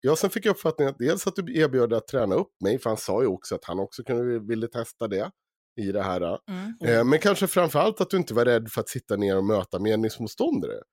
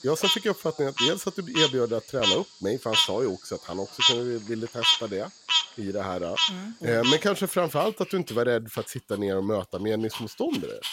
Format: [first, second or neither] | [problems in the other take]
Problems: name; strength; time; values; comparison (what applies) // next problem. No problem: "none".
first | animal sounds; very loud; throughout; 4 dB above the speech